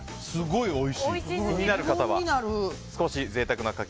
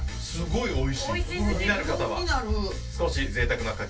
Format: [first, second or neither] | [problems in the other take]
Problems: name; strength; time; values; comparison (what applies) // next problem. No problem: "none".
first | room echo; dies away in 0.2 s